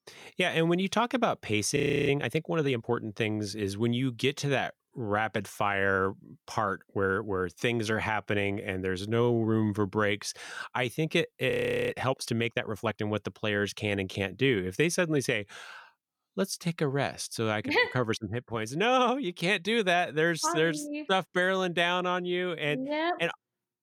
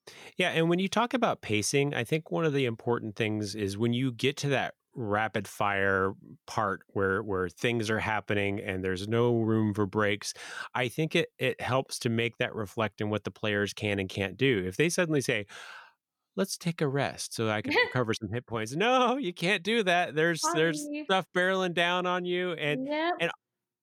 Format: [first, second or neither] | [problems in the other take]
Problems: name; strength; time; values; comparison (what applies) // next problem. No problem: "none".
second | audio freezing; at 2 s and at 12 s